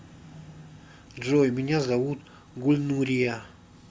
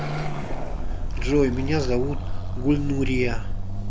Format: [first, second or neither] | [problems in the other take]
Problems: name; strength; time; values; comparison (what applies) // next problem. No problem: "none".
first | background sound (Car passing by / Accelerating, revving, vroom); 1 dB above the speech